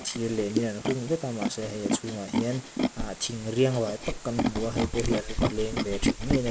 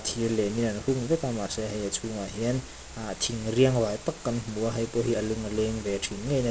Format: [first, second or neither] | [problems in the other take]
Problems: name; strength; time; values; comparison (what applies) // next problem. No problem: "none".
second | noise reduction (neural mask model Resemble Enhance denoiser)